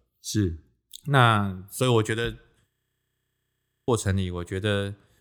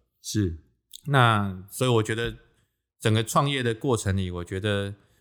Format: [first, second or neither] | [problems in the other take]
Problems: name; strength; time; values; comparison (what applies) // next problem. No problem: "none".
second | audio freezing; at 2.5 s for 1 s